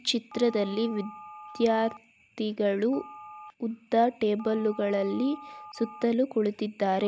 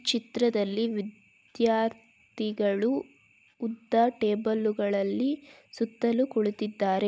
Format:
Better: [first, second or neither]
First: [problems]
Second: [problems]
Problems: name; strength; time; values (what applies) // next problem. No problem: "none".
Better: second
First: background sound (Telephone); 19 dB below the speech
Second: none